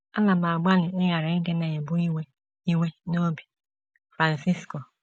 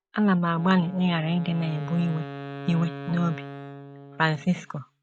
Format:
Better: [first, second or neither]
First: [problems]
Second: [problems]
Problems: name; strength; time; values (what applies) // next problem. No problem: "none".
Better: first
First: none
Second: background sound (Wind instrument, woodwind instrument); 13 dB below the speech